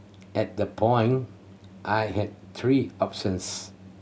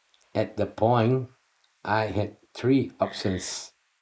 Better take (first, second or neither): first